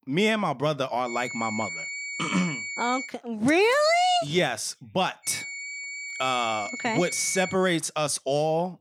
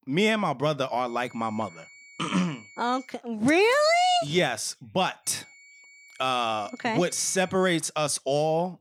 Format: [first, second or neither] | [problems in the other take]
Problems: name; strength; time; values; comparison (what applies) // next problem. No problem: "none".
second | high-pitched whine; loud; from 1 to 3 s and from 5.5 to 7.5 s; 2 kHz, 7 dB below the speech; faint in the second